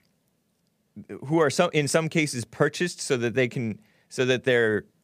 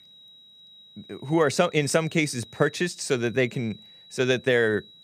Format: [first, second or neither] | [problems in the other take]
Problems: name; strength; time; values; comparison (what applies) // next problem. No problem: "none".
first | high-pitched whine; faint; throughout; 4 kHz, 25 dB below the speech